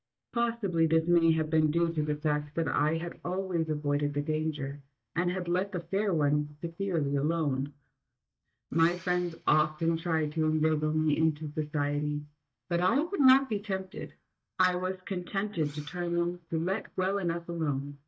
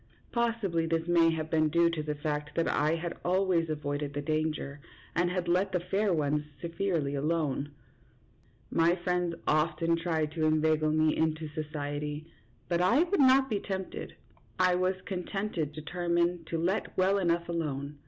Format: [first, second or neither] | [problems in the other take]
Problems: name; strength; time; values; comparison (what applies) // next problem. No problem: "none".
second | noise reduction (neural mask model DeepFilterNet 3)